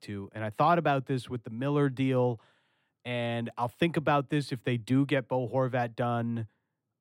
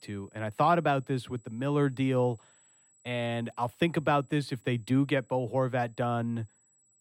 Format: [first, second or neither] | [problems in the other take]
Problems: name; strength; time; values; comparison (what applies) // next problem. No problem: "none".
first | high-pitched whine; faint; throughout; 8 kHz, 30 dB below the speech